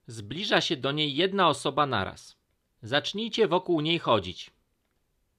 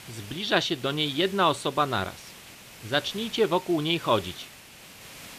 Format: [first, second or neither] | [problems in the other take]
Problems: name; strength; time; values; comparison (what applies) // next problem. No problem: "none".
first | hiss; noticeable; throughout; 15 dB below the speech